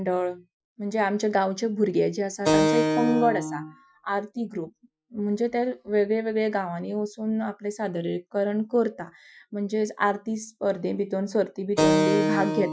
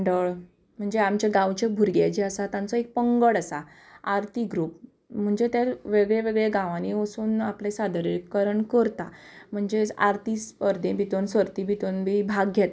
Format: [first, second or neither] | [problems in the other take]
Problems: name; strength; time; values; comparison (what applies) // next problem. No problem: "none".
second | noise reduction (classical method Wiener filter)